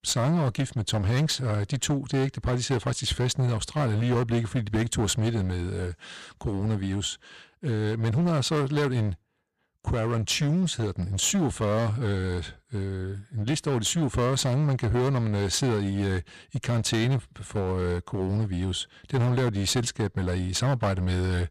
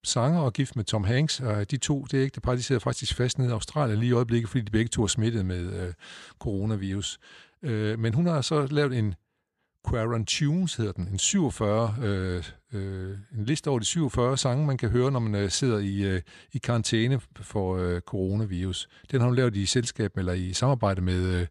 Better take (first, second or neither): second